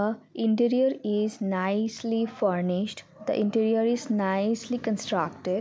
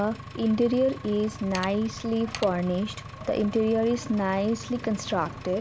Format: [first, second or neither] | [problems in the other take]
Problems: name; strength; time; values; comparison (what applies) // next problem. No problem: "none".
first | background sound (Mechanisms + Engine); 13 dB below the speech